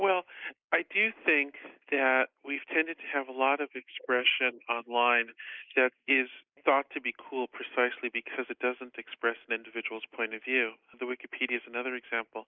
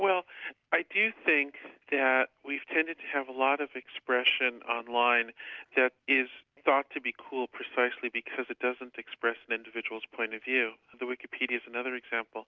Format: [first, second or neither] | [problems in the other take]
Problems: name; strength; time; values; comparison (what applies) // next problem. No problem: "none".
second | noise reduction (neural mask model Resemble Enhance denoiser)